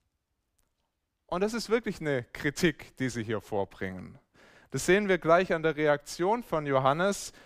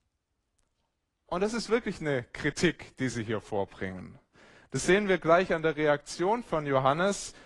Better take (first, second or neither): first